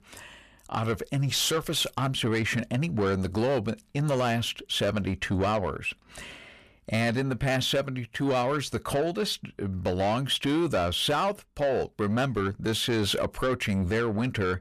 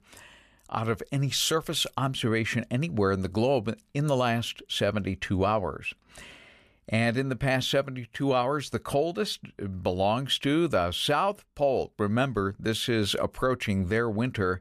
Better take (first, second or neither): second